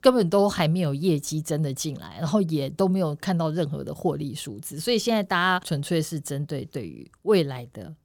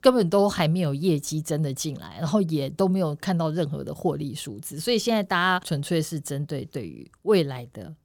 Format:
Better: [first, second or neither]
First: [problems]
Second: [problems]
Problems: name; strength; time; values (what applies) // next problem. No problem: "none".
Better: neither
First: none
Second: none